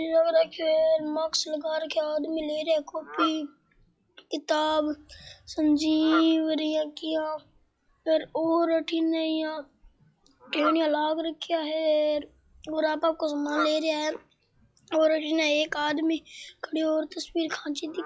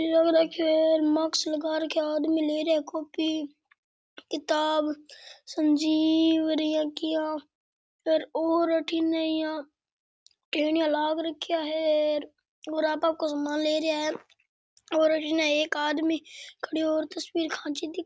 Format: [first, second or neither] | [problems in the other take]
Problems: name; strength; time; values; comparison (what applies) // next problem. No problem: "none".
second | noise reduction (classical method log-MMSE)